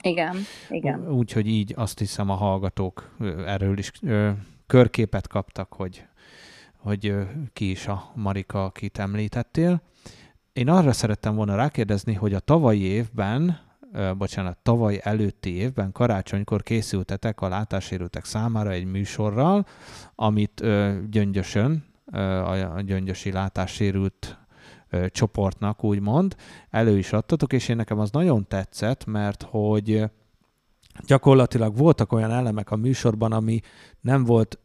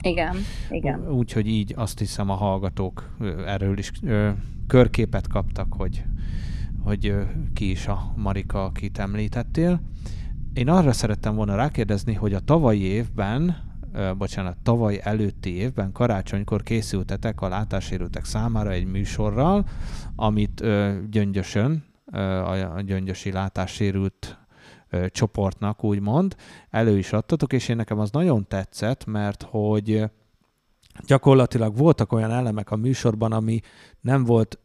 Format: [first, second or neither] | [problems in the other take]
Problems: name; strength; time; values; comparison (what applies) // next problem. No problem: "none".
first | low rumble; faint; until 21 s; 25 dB below the speech